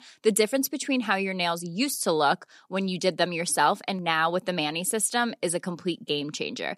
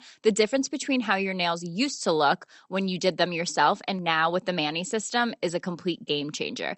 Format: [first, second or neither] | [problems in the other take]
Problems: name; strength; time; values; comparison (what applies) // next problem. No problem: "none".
first | garbled, watery; slightly; nothing above 8 kHz